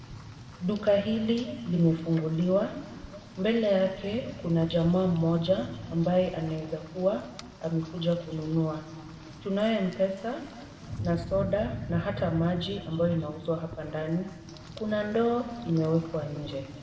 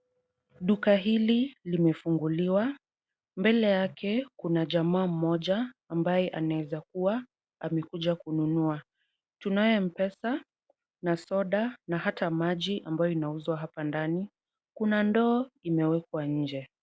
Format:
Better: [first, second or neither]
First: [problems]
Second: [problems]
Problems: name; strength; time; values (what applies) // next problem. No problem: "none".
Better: second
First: background sound (Rain); 13 dB below the speech // room echo; dies away in 1.9 s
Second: none